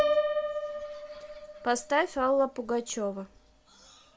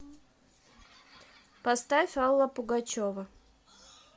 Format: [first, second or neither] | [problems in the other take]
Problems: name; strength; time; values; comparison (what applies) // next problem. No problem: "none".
second | background sound (Piano); 2 dB below the speech